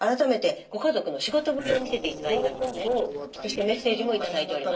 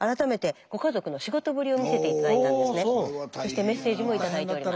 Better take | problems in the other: second | noise reduction (neural separator model SepFormer DNS4)

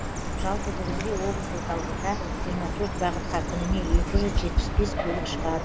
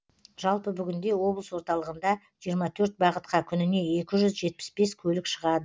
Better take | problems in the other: second | background sound (Chirp, tweet + Tap); 4 dB above the speech

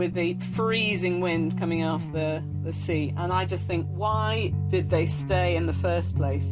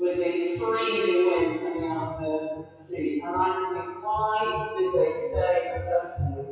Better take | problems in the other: first | noise reduction (classical method WPE with log-MMSE)

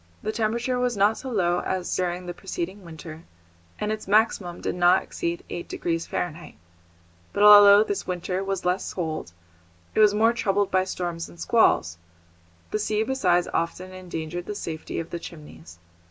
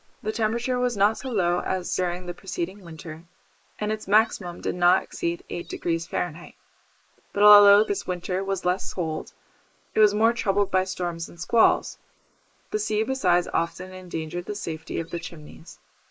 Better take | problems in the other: first | noise reduction (neural mask model Resemble Enhance denoiser)

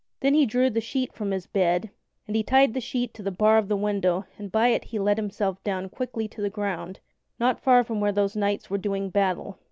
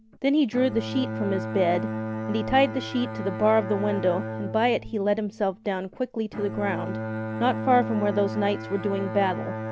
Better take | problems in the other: first | background sound (Bowed string instrument); 7 dB below the speech

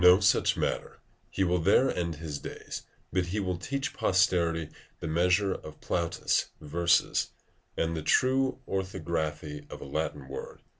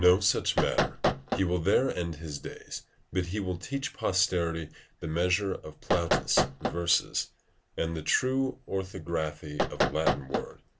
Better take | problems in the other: first | background sound (Knock); as loud as the speech

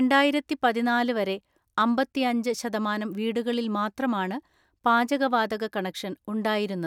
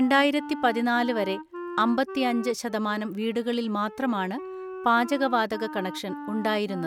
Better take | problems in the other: first | background sound (Wind instrument, woodwind instrument); 12 dB below the speech

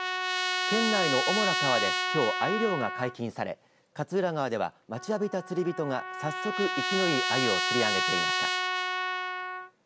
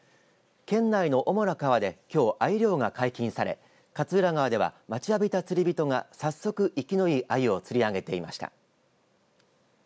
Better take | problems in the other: second | background sound (Trumpet); 1 dB above the speech

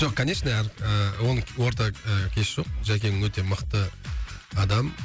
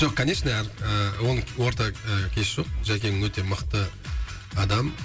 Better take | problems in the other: first | room echo; dies away in 0.4 s

